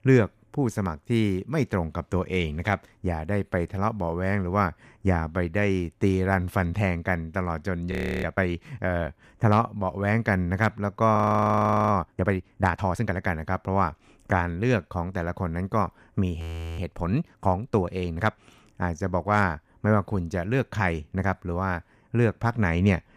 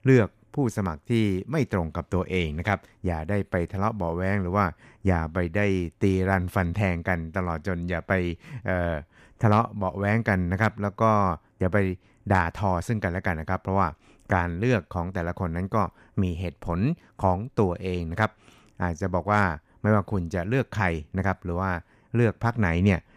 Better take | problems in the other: second | audio freezing; at 8 s, at 11 s for 0.5 s and at 16 s

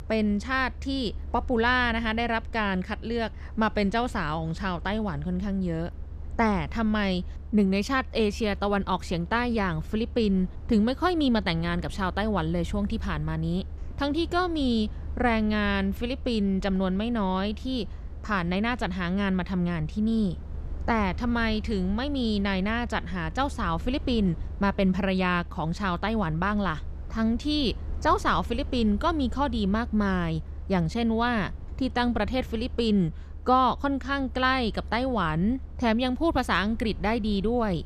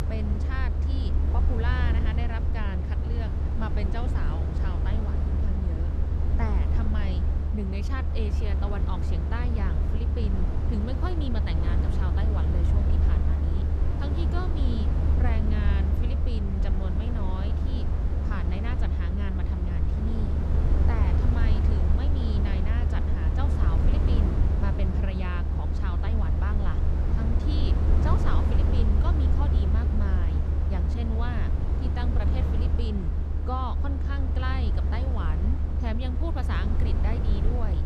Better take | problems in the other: first | low rumble; loud; throughout; 1 dB below the speech; faint in the first

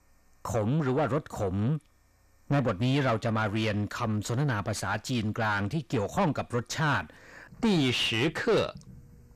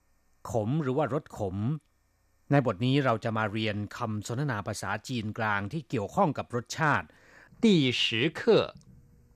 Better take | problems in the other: second | distortion; heavy; 6 dB below the speech

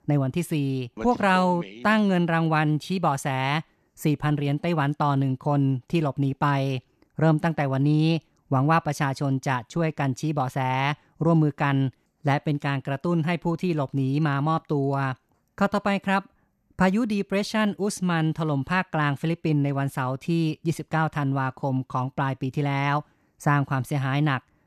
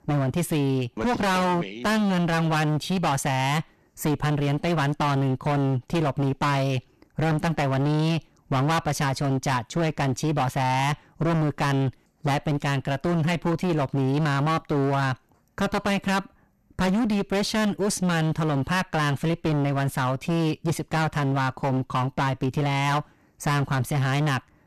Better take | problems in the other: first | distortion; heavy; 27% of the sound clipped

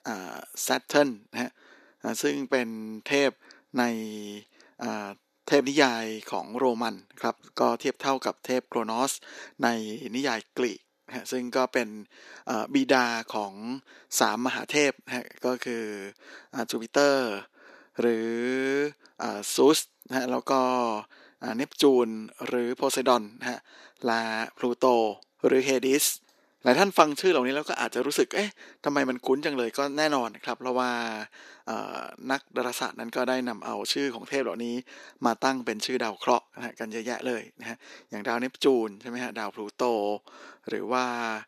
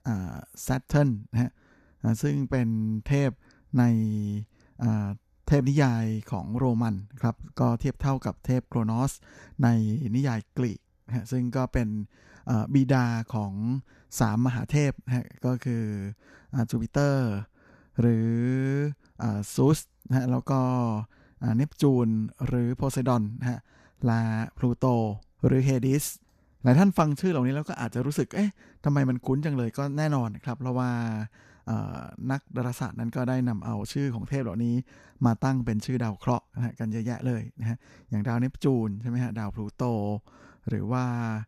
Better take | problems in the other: second | thin; somewhat; fading below 350 Hz

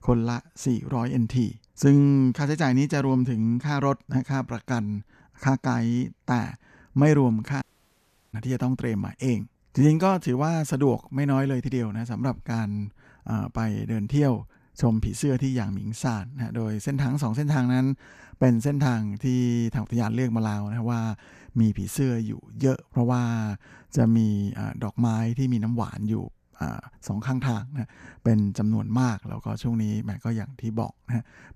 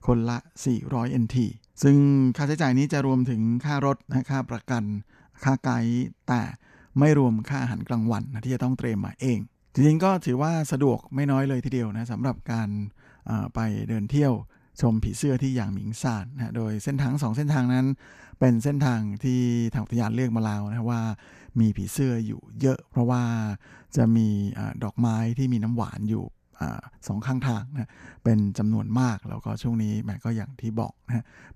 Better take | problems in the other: second | audio cutting out; at 7.5 s for 0.5 s

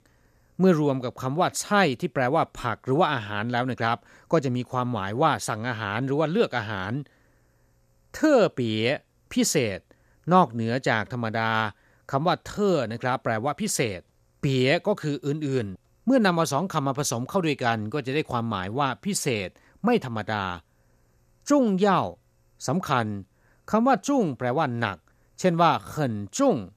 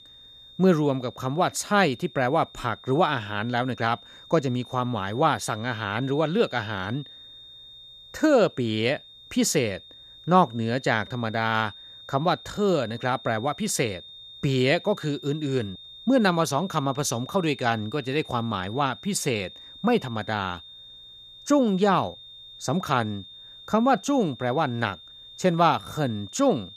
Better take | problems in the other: first | high-pitched whine; noticeable; throughout; 3.5 kHz, 20 dB below the speech

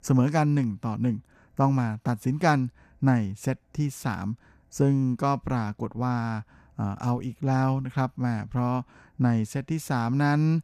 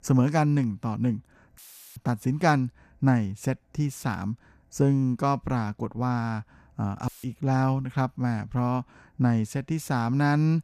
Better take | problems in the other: first | audio cutting out; filled with static; at 1.5 s and at 7 s

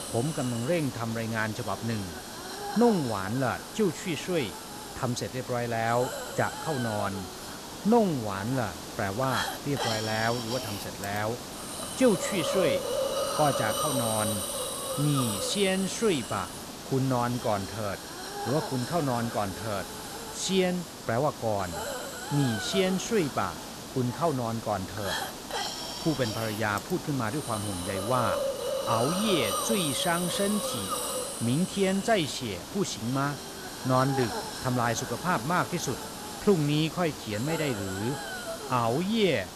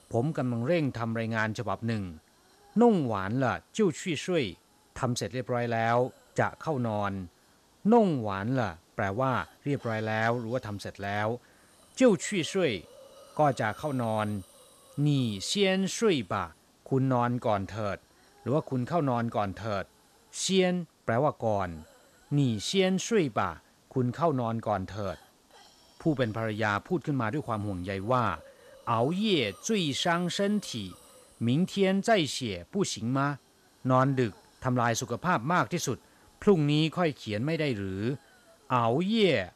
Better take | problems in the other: second | hiss; loud; throughout; 5 dB below the speech; faint in the second

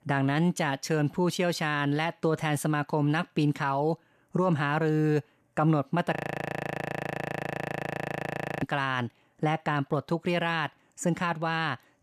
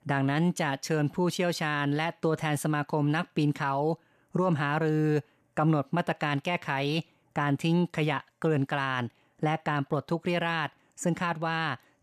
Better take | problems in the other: second | audio freezing; at 6 s for 2.5 s

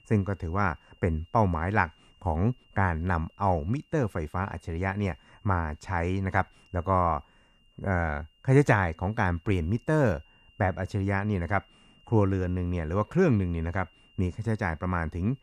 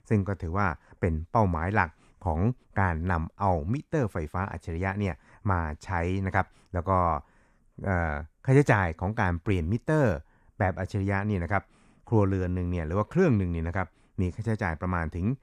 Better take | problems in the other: second | high-pitched whine; faint; throughout; 3 kHz, 35 dB below the speech

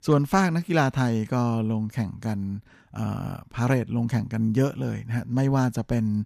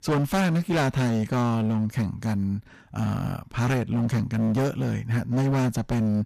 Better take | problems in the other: first | distortion; heavy; 19% of the sound clipped

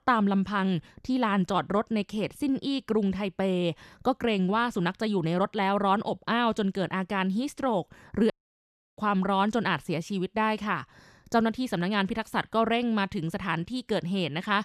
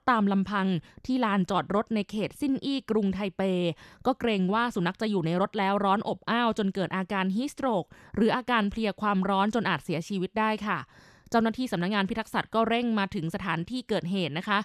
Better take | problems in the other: second | audio cutting out; at 8.5 s for 0.5 s

